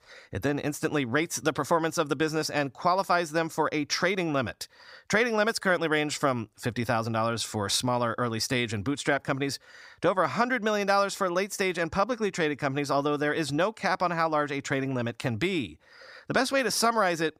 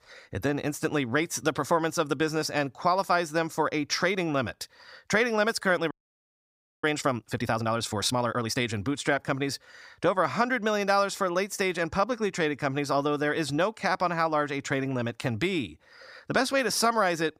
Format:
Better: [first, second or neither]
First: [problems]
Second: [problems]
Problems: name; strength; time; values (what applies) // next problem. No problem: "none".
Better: first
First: none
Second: audio freezing; at 6 s for 1 s